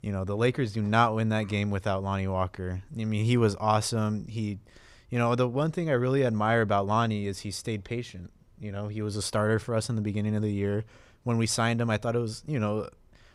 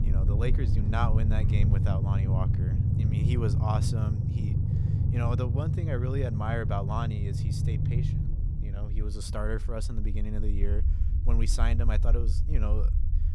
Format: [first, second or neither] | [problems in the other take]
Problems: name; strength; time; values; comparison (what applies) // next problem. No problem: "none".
first | low rumble; loud; throughout; 4 dB below the speech